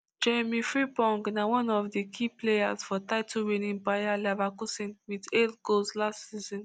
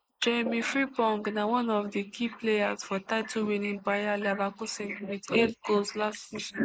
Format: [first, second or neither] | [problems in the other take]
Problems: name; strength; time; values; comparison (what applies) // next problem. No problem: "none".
first | noise reduction (neural mask model Resemble Enhance denoiser)